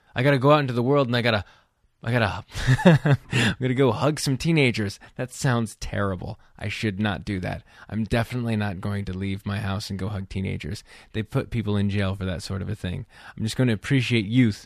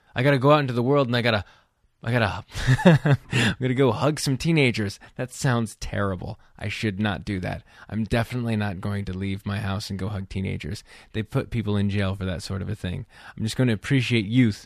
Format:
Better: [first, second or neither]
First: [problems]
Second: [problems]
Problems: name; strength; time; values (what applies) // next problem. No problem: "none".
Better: neither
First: none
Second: none